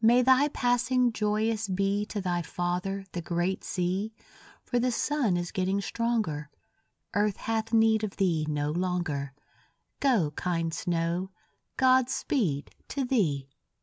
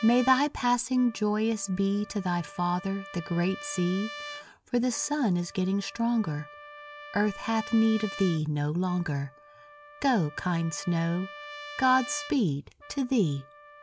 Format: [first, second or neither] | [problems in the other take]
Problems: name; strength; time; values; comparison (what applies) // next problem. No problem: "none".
first | background sound (Trumpet); 16 dB below the speech